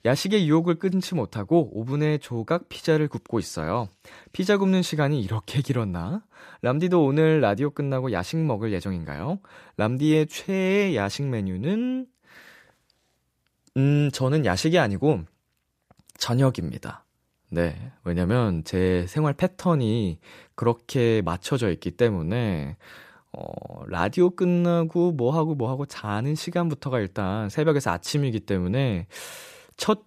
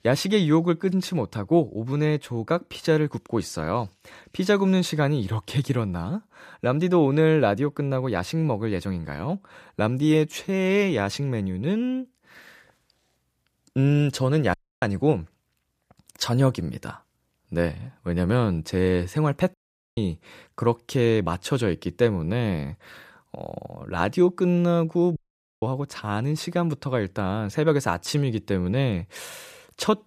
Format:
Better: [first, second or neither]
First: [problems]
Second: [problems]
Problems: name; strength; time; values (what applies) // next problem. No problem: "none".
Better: first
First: none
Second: audio cutting out; at 15 s, at 20 s and at 25 s